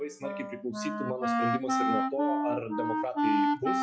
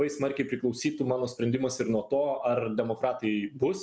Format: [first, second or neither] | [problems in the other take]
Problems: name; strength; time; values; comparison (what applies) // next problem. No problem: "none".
second | noise reduction (classical method log-MMSE)